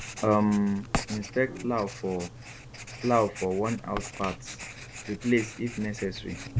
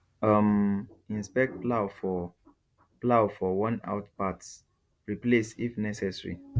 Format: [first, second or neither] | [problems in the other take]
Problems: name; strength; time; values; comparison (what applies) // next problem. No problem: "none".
second | background sound (Writing); 10 dB below the speech